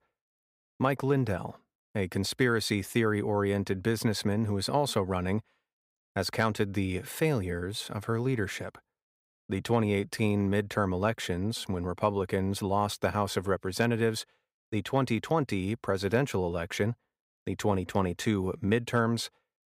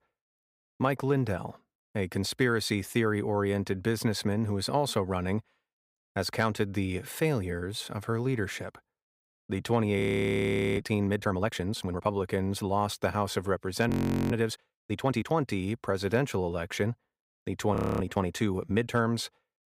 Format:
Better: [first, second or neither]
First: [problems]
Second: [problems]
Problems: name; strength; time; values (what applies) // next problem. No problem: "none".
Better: first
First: none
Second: audio freezing; at 10 s for 1 s, at 14 s and at 18 s